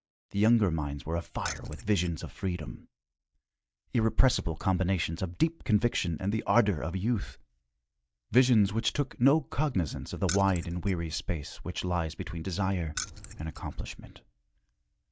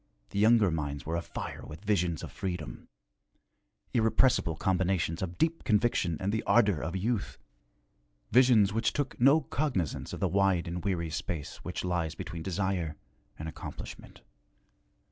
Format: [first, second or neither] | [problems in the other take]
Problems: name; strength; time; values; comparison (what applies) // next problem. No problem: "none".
second | noise reduction (neural mask model DeepFilterNet 3)